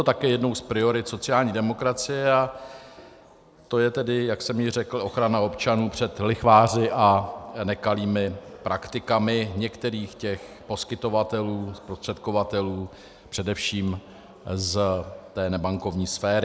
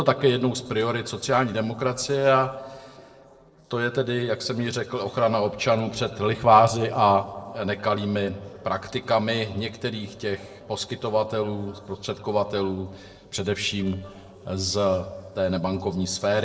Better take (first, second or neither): first